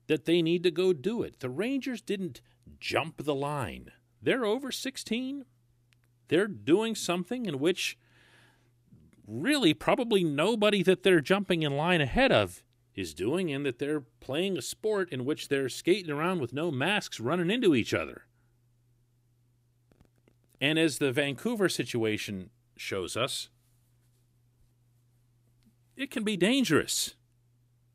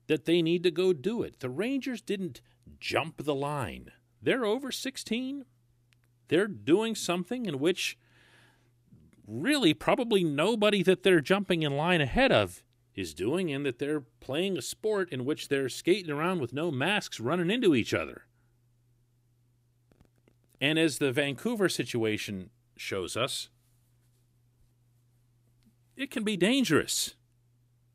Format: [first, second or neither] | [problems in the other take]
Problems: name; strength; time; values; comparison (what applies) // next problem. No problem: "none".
neither | none